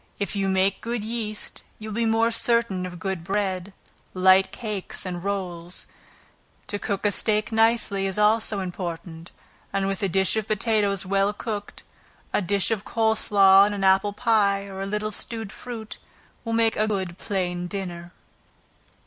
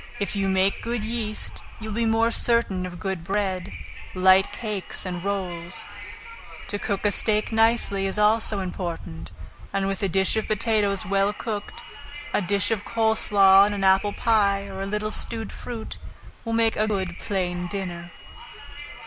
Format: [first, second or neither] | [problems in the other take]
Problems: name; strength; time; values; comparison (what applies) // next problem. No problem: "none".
first | background sound (Wind); 10 dB below the speech